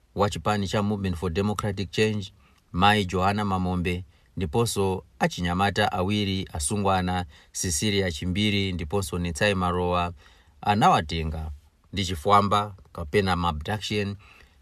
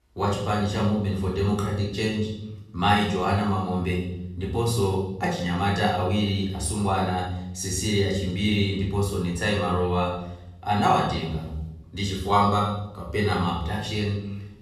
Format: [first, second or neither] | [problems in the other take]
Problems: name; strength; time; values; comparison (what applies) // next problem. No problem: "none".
first | off-mic speech; far // room echo; noticeable; dies away in 0.8 s